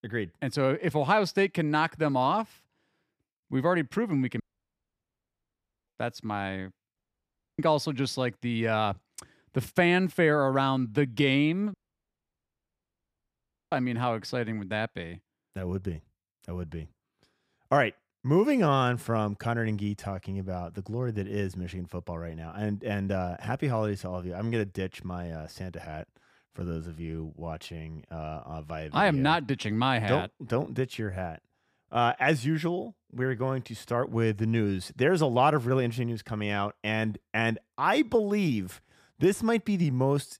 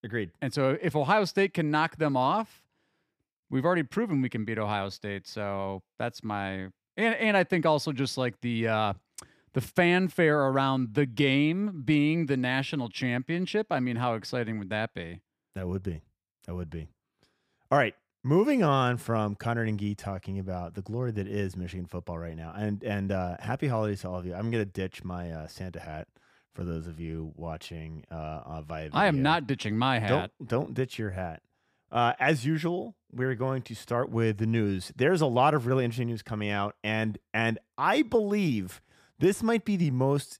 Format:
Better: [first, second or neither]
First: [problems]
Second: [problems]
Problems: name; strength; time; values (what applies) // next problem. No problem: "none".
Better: second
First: audio cutting out; at 4.5 s for 1.5 s, at 7 s for 0.5 s and at 12 s for 2 s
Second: none